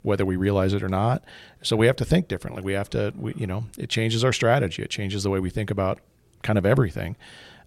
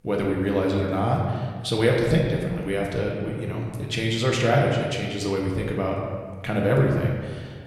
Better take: first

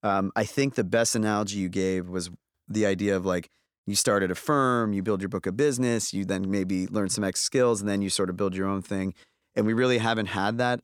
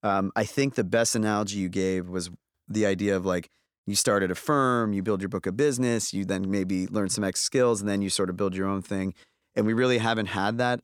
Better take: neither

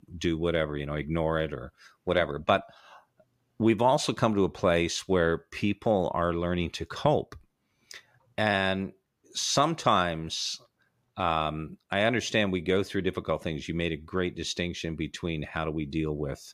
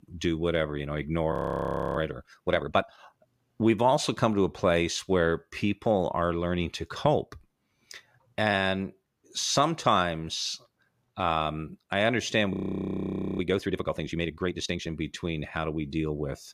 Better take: first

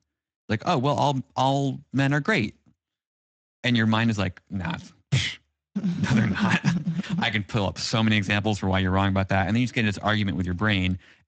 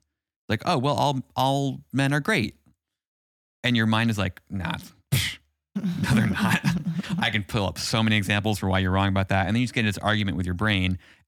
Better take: second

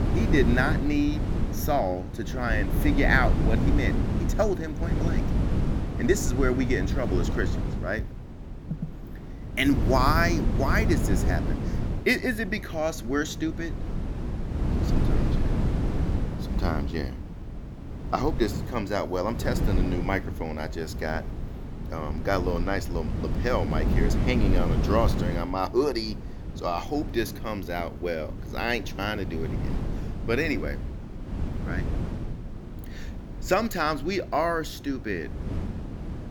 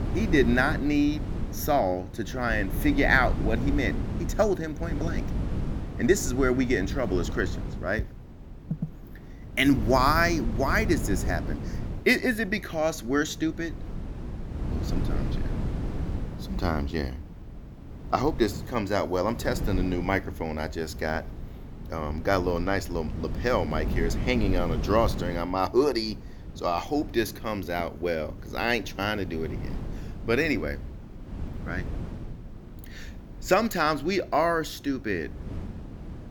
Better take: second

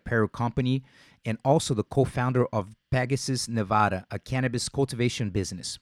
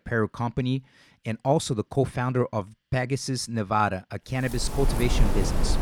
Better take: first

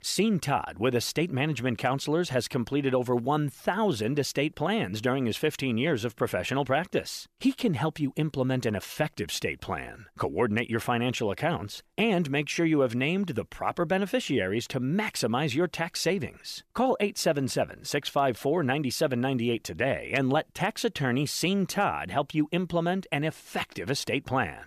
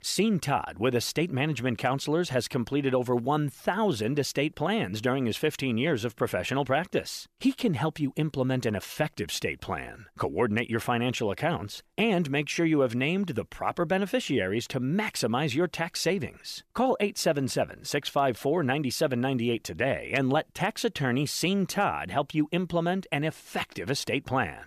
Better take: neither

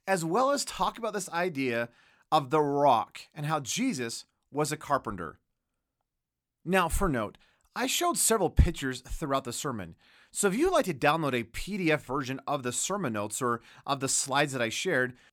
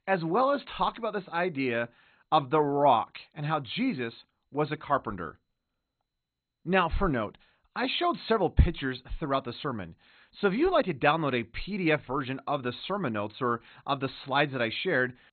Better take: first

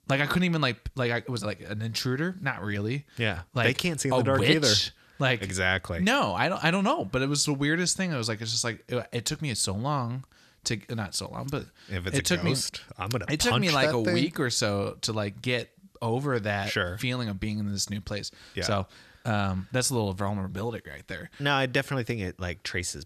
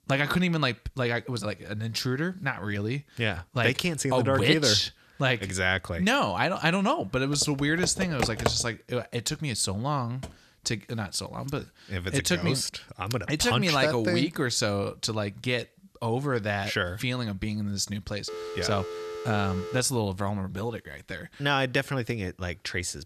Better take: first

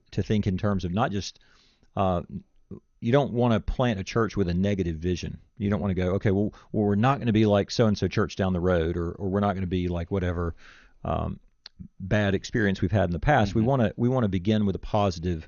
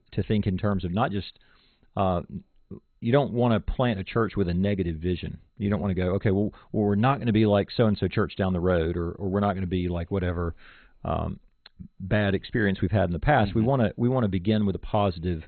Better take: first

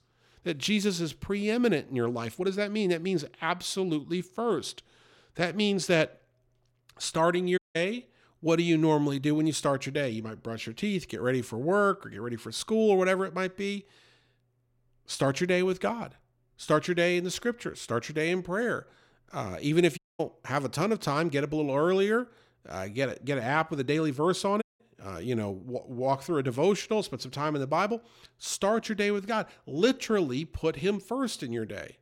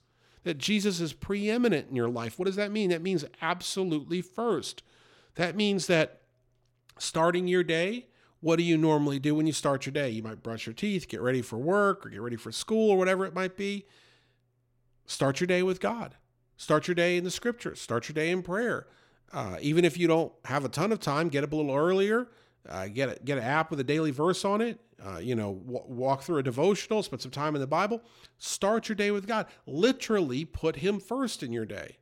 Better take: second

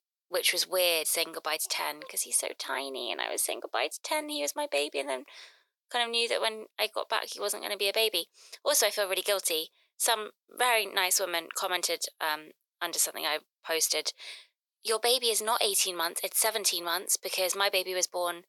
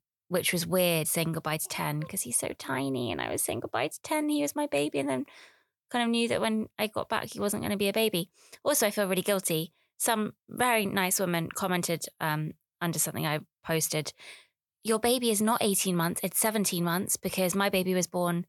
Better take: second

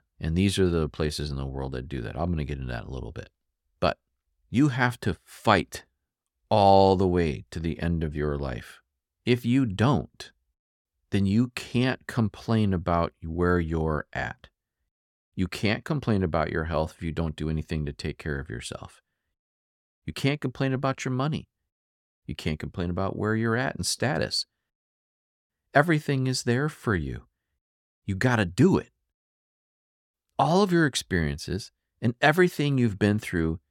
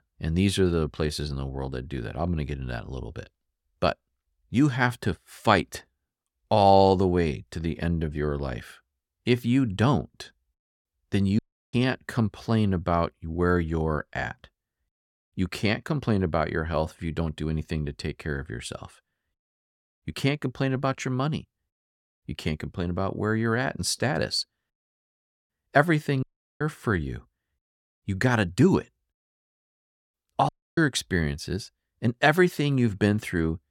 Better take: first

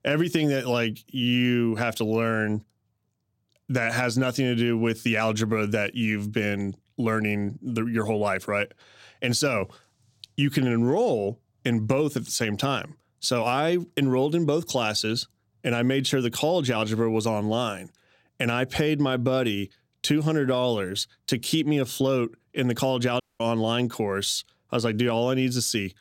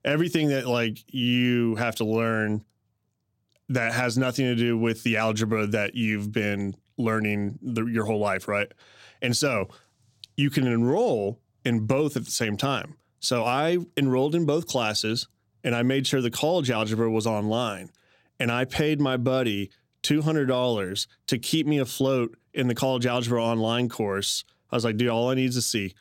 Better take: second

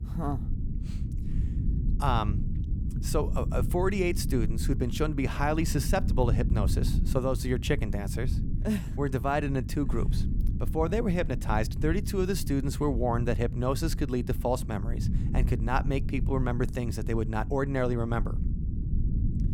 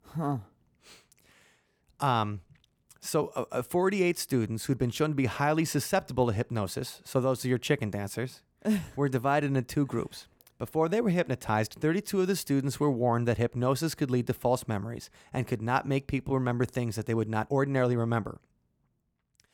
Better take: second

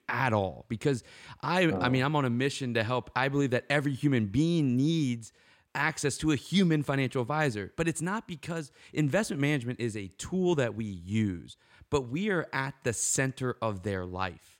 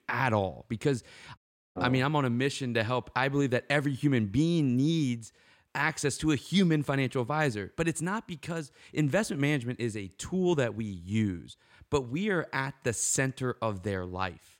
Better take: first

